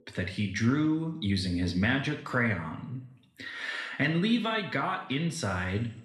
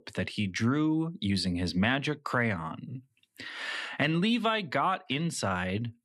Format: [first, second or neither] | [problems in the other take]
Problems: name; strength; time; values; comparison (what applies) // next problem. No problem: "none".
second | room echo; slight; dies away in 0.7 s